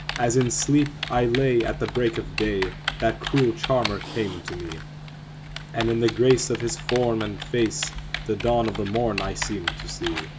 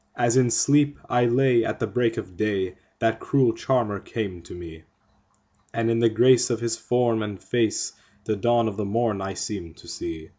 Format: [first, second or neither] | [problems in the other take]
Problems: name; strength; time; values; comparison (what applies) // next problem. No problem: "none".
second | background sound (Typing); 8 dB below the speech